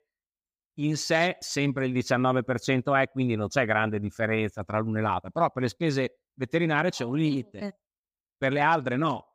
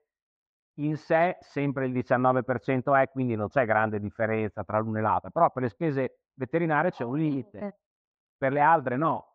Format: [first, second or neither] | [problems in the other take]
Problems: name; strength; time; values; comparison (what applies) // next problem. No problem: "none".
first | muffled; very; fading above 1.5 kHz